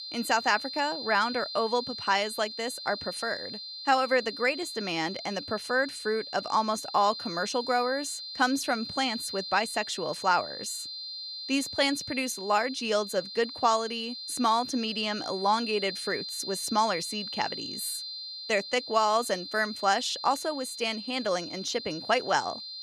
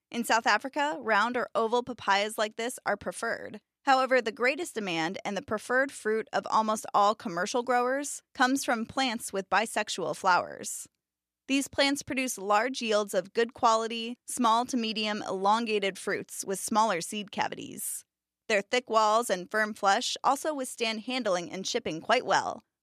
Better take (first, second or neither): second